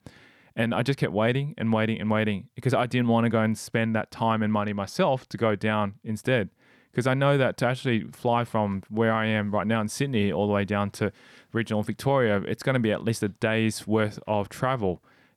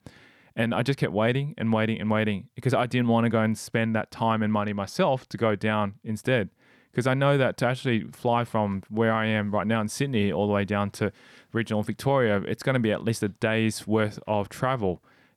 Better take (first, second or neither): neither